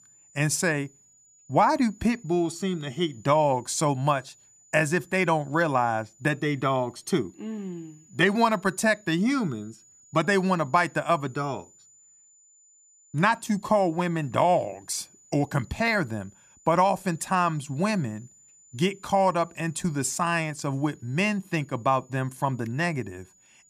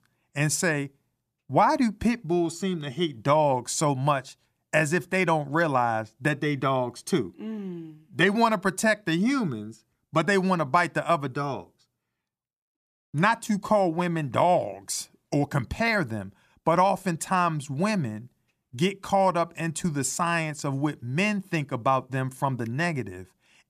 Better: second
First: high-pitched whine; faint; throughout; 7 kHz, 30 dB below the speech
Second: none

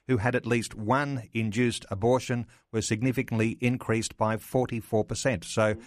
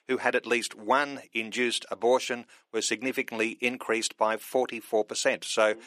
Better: first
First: none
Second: thin; somewhat; fading below 350 Hz

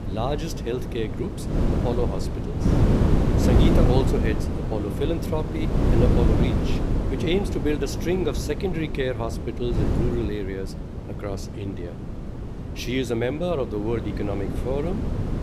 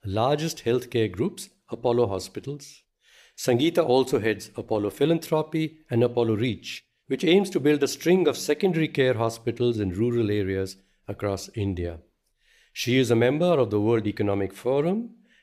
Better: second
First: wind noise on the microphone; heavy; 3 dB below the speech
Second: none

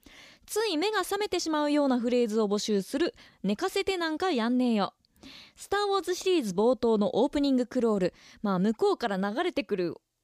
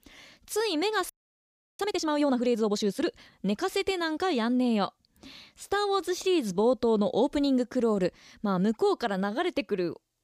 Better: first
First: none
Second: audio freezing; at 1 s for 0.5 s

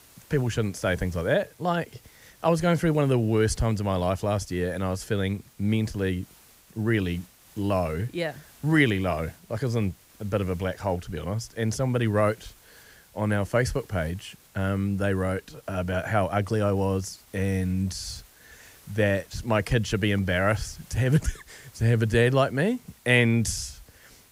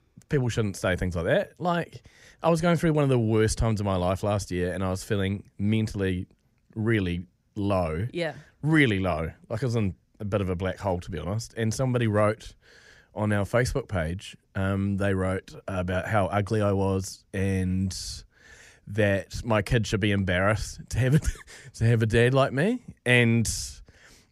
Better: second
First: hiss; faint; throughout; 25 dB below the speech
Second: none

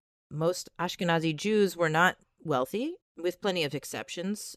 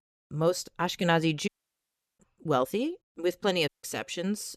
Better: first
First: none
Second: audio cutting out; at 1.5 s for 0.5 s and at 3.5 s

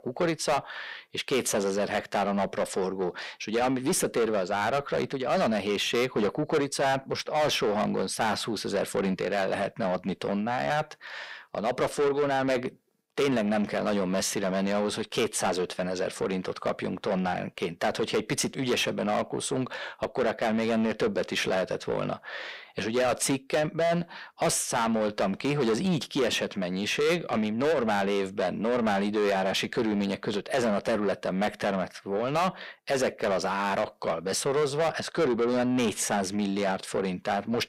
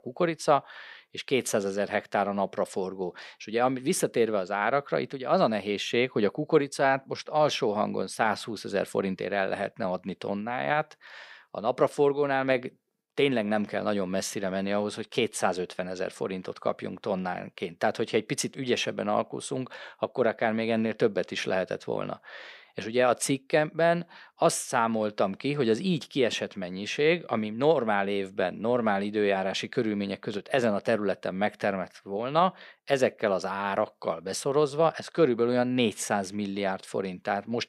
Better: second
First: distortion; heavy; 7 dB below the speech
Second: none

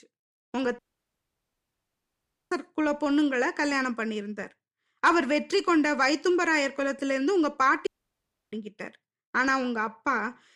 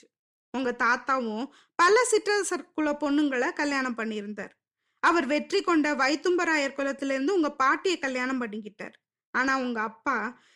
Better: second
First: audio cutting out; at 1 s for 1.5 s and at 8 s for 0.5 s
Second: none

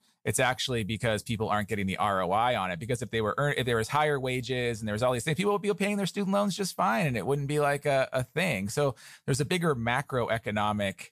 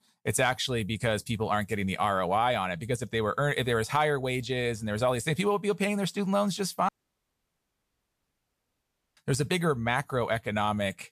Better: first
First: none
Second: audio cutting out; at 7 s for 2.5 s

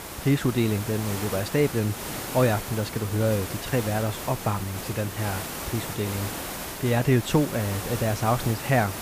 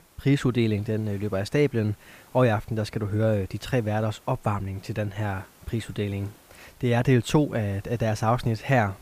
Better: second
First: hiss; loud; throughout; 7 dB below the speech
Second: hiss; faint; throughout; 30 dB below the speech

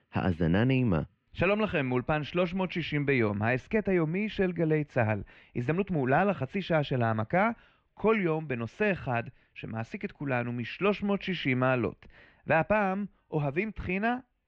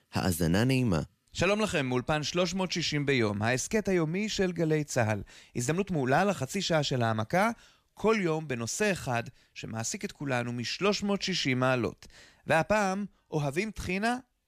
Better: second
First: muffled; very; fading above 2.5 kHz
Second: none

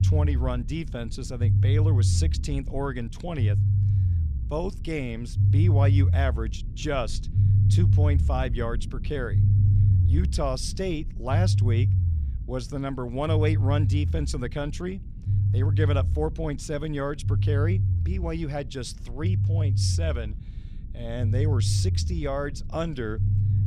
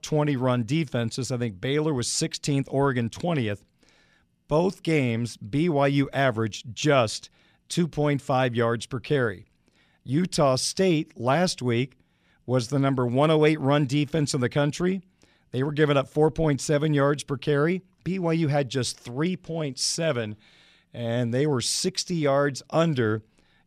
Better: second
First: low rumble; loud; throughout; 6 dB below the speech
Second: none

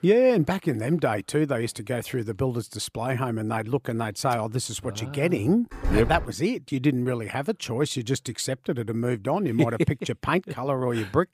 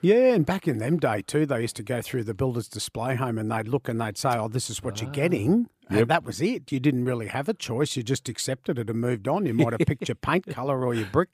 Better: second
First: door banging; noticeable; at 5.5 s; peak 4 dB below the speech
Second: none

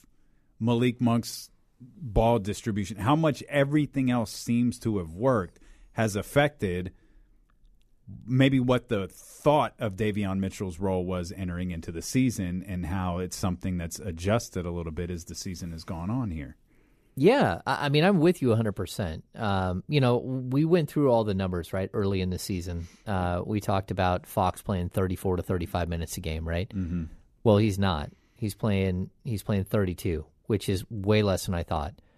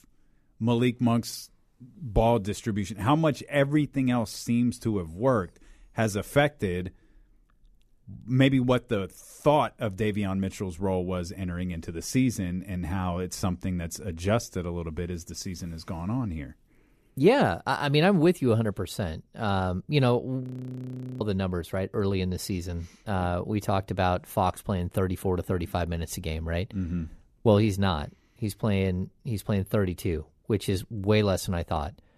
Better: first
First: none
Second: audio freezing; at 20 s for 1 s

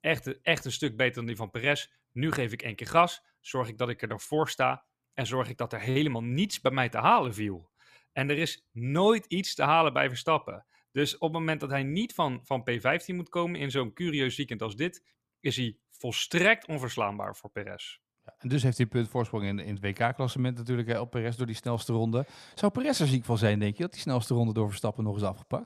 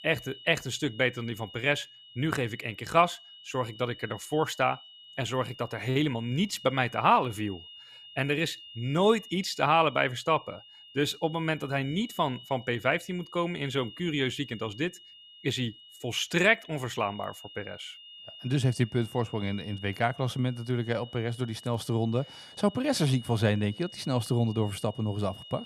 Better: first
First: none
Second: high-pitched whine; noticeable; throughout; 3 kHz, 20 dB below the speech

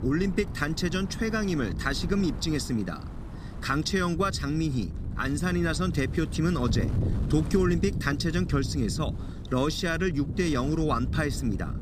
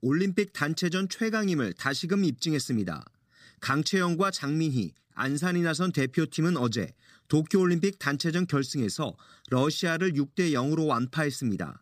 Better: second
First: wind noise on the microphone; occasional gusts; 15 dB below the speech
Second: none

